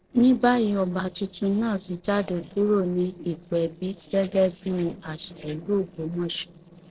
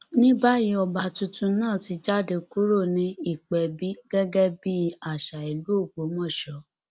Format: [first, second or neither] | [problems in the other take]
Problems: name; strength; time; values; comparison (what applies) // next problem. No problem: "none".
second | noise reduction (neural separator model SepFormer DNS4)